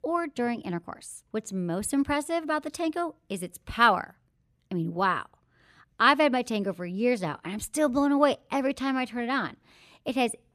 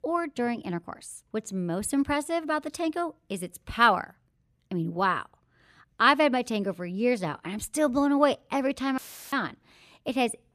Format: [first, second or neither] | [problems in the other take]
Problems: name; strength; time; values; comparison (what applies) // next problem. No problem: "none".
first | audio cutting out; filled with static; at 9 s